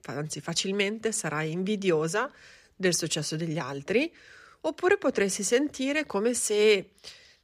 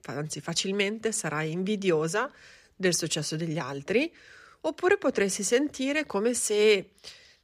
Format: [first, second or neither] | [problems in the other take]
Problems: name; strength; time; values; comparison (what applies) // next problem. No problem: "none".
neither | none